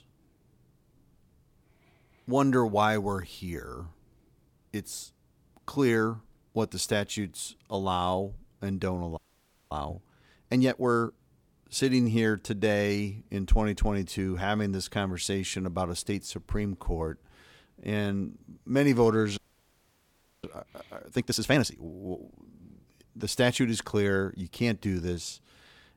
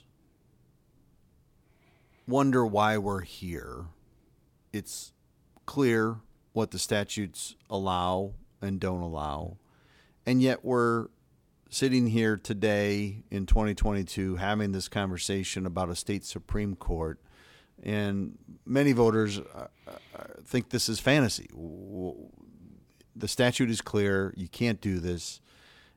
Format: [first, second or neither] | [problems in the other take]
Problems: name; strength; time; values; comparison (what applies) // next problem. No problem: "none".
second | audio freezing; at 9 s for 0.5 s and at 19 s for 1 s